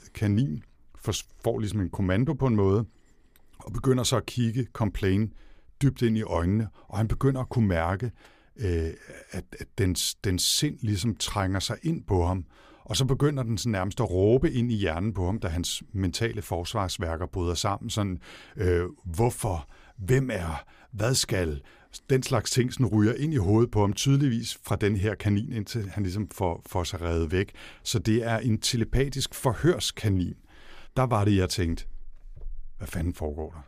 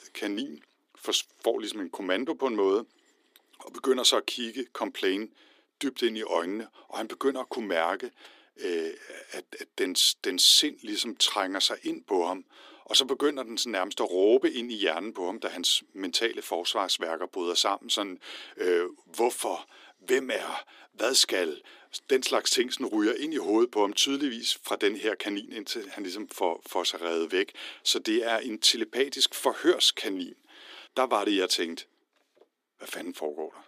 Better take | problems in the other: first | thin; somewhat; fading below 300 Hz

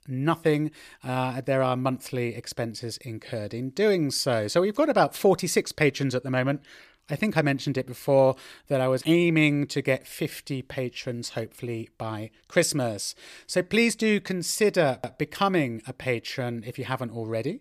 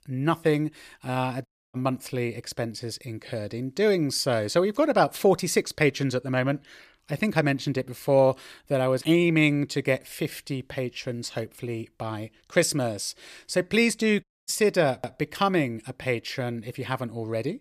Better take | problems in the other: first | audio cutting out; at 1.5 s and at 14 s

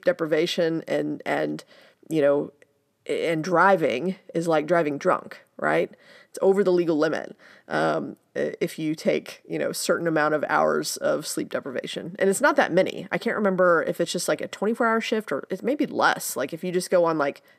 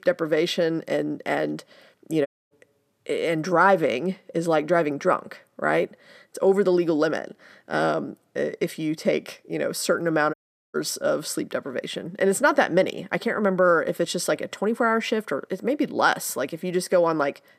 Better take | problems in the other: first | audio cutting out; at 2.5 s and at 10 s

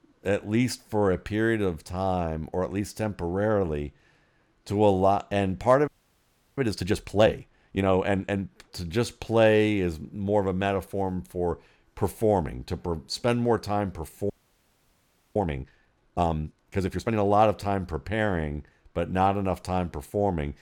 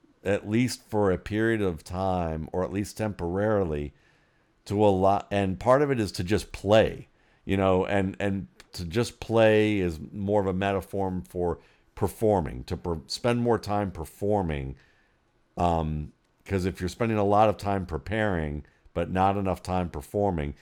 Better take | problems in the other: second | audio freezing; at 6 s for 0.5 s and at 14 s for 1 s

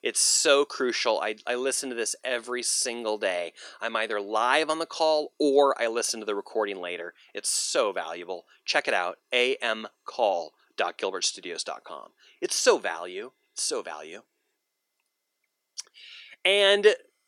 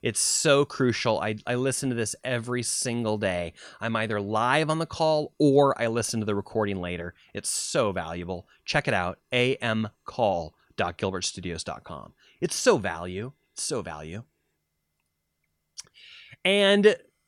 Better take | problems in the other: second | thin; somewhat; fading below 300 Hz

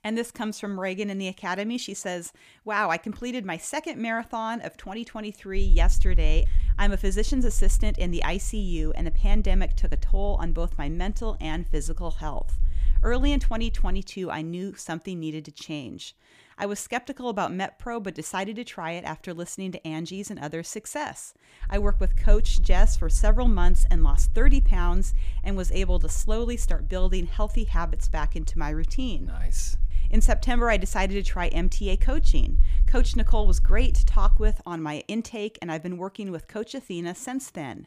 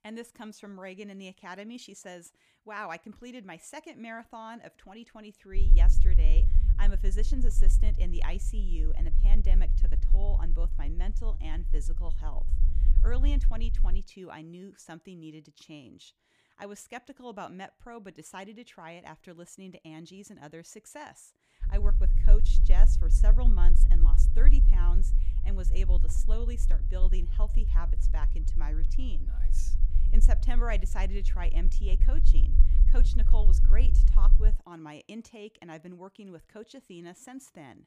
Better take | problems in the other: first | low rumble; loud; from 5.5 to 14 s and from 22 to 35 s; 8 dB below the speech; faint in the first

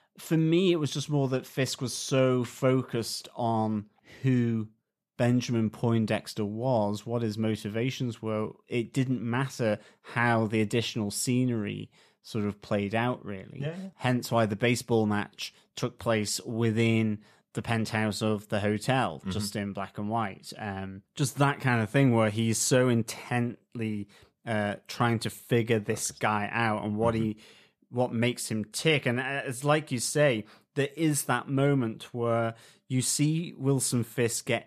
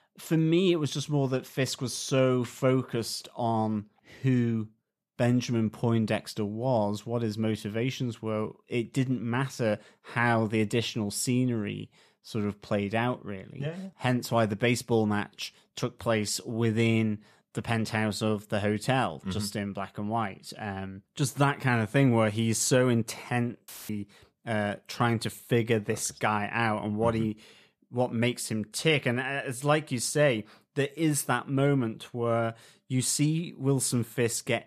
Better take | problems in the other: first | audio cutting out; filled with static; at 24 s

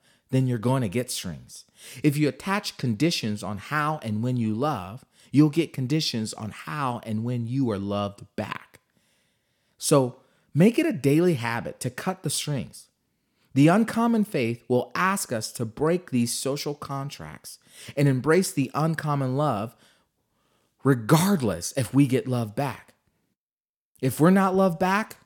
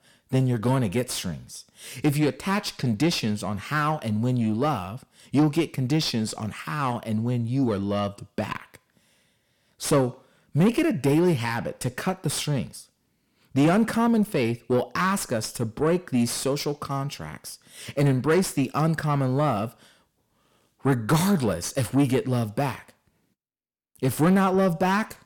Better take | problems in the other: first | distortion; slight; 10 dB below the speech

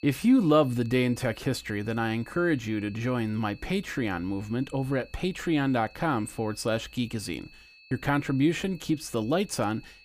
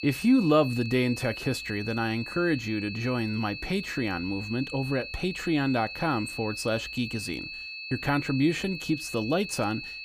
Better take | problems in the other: first | high-pitched whine; loud; throughout; 2.5 kHz, 8 dB below the speech; faint in the first

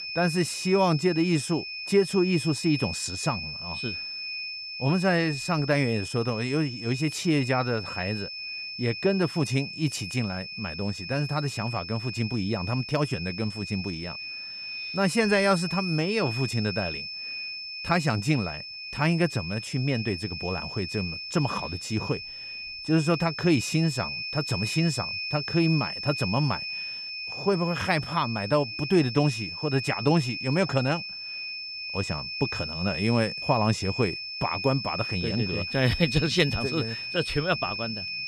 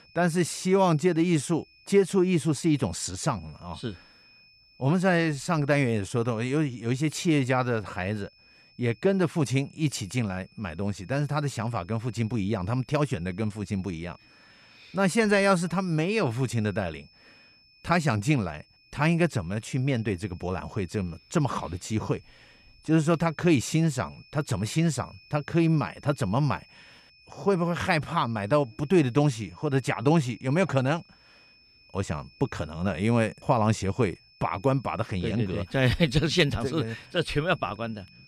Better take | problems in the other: second | high-pitched whine; loud; throughout; 2.5 kHz, 6 dB below the speech; faint in the second

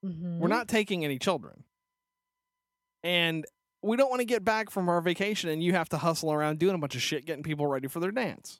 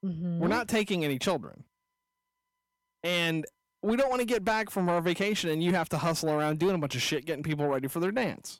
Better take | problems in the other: first | distortion; slight; 10 dB below the speech

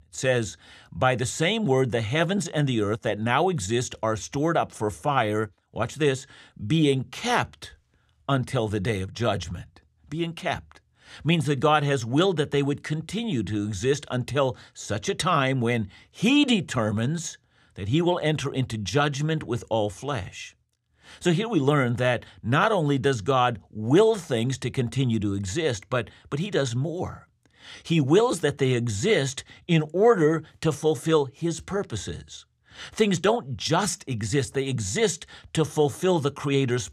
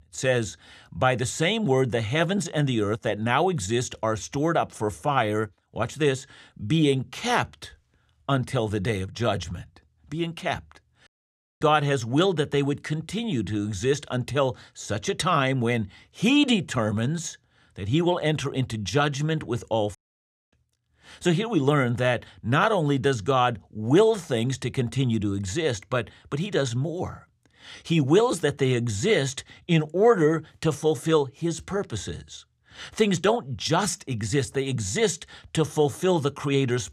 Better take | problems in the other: first | audio cutting out; at 11 s for 0.5 s and at 20 s for 0.5 s

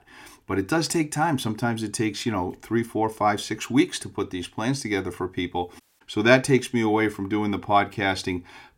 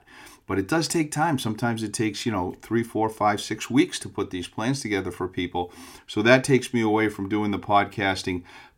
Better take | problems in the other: second | audio cutting out; at 6 s

